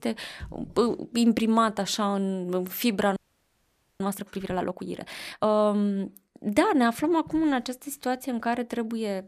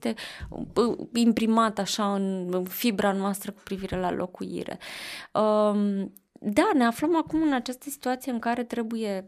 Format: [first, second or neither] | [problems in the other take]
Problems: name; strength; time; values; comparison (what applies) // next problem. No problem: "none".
second | audio freezing; at 3 s for 1 s